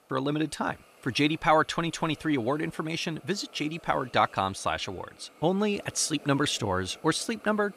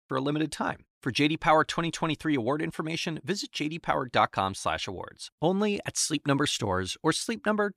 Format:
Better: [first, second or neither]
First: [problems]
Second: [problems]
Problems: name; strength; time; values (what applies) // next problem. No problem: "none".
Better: second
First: hiss; faint; throughout; 25 dB below the speech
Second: none